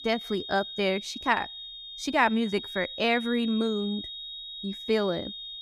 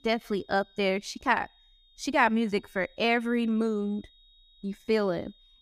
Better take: second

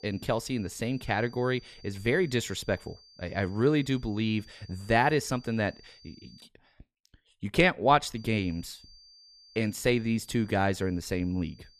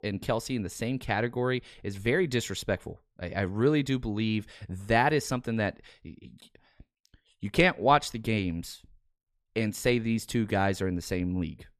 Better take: second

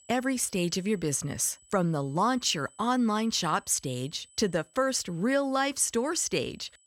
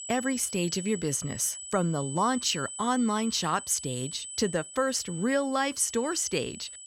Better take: first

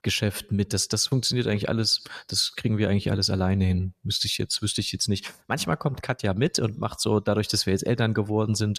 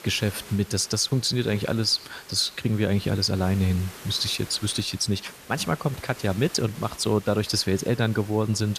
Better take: first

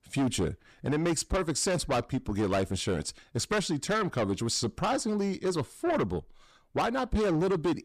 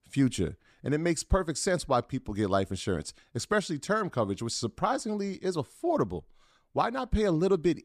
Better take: second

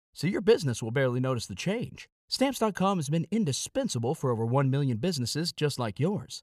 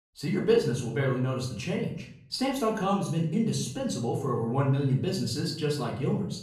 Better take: first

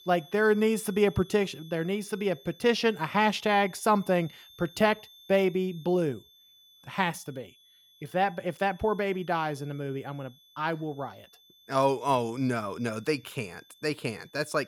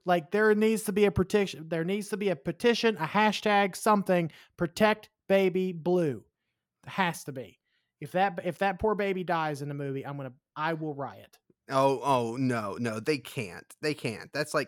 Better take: second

